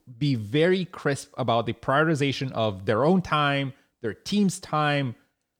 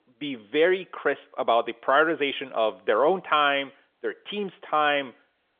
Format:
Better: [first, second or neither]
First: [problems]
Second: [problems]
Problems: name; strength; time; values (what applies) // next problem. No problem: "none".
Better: first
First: none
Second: phone-call audio; nothing above 3.5 kHz